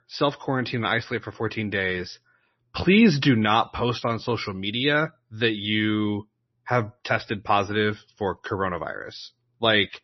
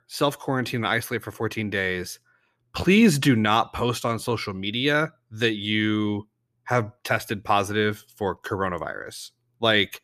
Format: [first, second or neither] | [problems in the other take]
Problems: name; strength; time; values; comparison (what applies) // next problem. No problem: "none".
second | garbled, watery; slightly; nothing above 6 kHz